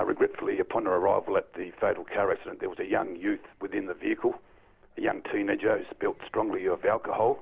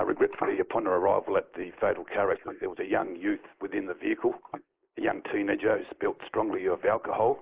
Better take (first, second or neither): first